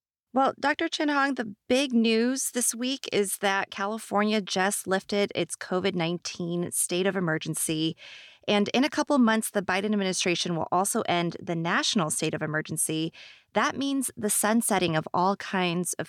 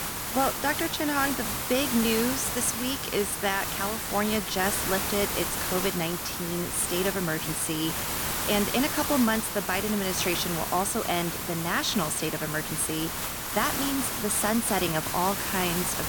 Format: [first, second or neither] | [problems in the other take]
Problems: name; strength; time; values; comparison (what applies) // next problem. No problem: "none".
first | hiss; loud; throughout; 1 dB below the speech